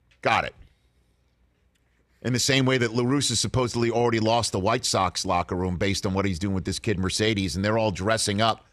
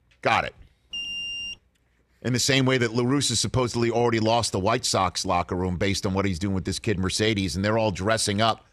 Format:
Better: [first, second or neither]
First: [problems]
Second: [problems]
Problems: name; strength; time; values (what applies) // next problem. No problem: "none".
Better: first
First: none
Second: alarm; noticeable; at 1 s; peak 5 dB below the speech